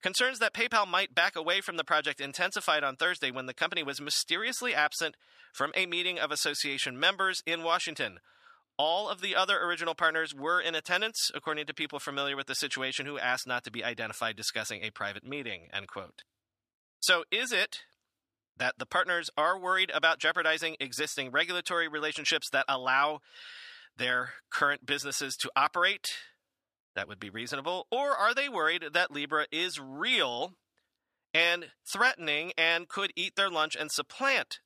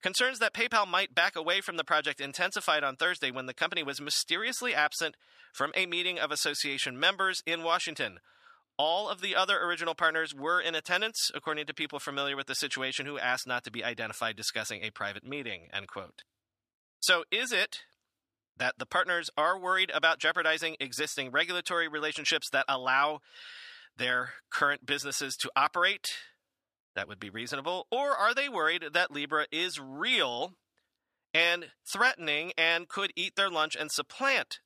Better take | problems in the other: neither | thin; somewhat; fading below 800 Hz; the same in both

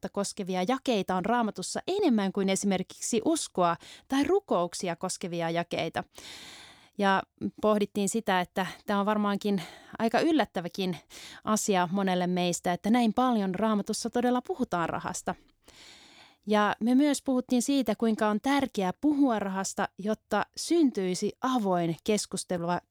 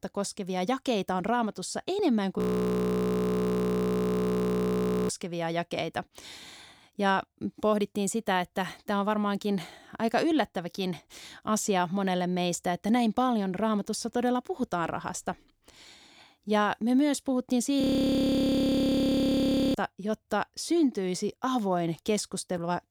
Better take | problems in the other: first | audio freezing; at 2.5 s for 2.5 s and at 18 s for 2 s

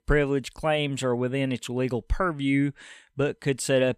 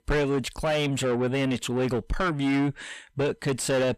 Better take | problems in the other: first | distortion; heavy; 7 dB below the speech

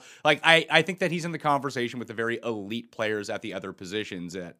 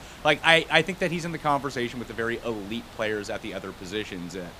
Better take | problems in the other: first | hiss; noticeable; throughout; 20 dB below the speech

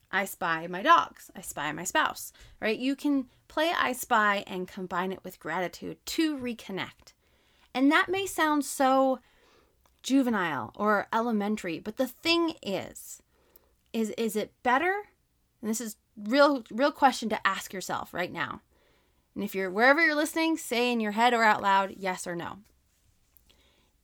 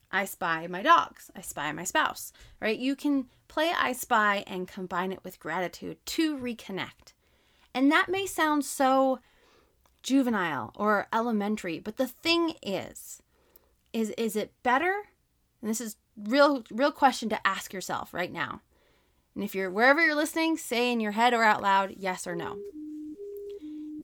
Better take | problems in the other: first | siren; faint; from 22 s on; peak 15 dB below the speech

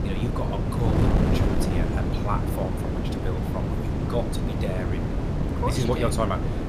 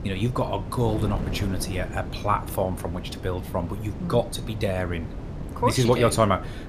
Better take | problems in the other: second | wind noise on the microphone; heavy; 1 dB below the speech; occasional gusts in the second

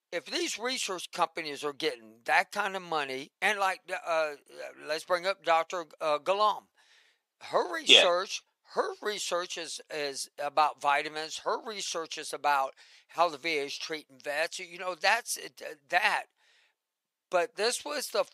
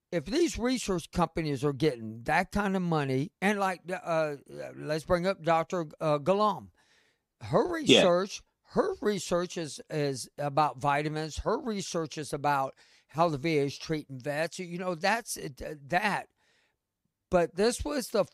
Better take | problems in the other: second | thin; very; fading below 600 Hz

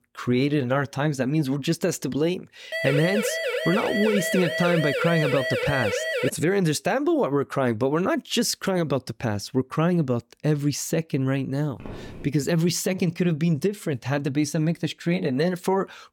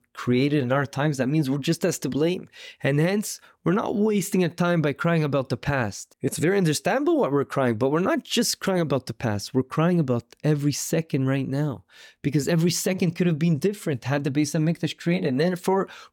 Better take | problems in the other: second | siren; noticeable; from 2.5 to 6.5 s; peak 1 dB below the speech // footsteps; faint; at 12 s; peak 15 dB below the speech

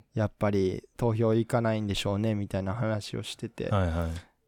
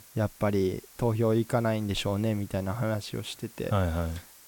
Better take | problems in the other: first | hiss; faint; throughout; 20 dB below the speech

